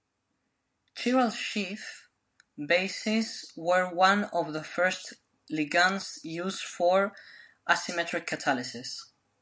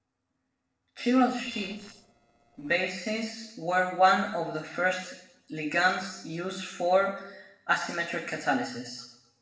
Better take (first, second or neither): first